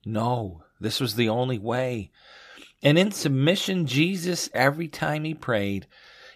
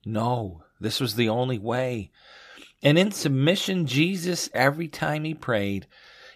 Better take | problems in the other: neither | none

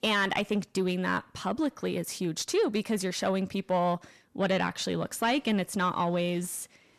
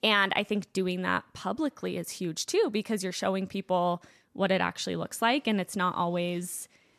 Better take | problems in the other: second | distortion; slight; 10 dB below the speech

